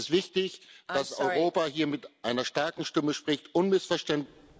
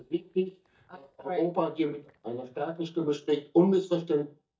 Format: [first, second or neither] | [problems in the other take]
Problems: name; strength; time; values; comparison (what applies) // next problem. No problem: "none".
first | noise reduction (neural mask model DeepFilterNet 3)